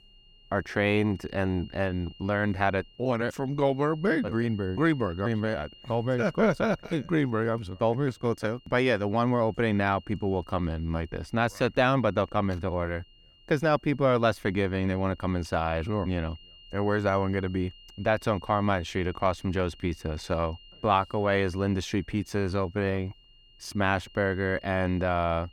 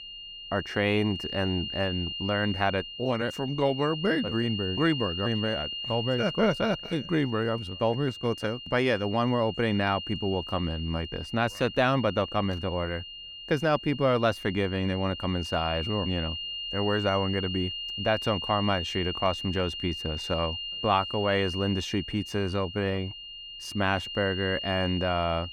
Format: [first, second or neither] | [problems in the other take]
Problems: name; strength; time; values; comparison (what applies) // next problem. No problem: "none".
first | high-pitched whine; loud; throughout; 3 kHz, 7 dB below the speech; faint in the first